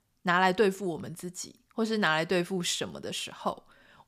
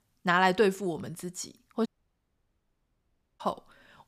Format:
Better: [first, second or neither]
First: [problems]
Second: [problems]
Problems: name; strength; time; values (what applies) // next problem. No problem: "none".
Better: first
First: none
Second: audio cutting out; at 2 s for 1.5 s